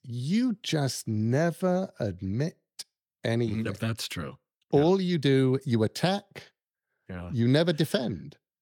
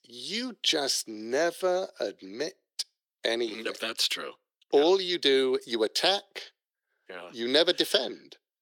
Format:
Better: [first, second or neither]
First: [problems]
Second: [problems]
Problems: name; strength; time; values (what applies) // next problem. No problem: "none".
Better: first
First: none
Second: thin; very; fading below 350 Hz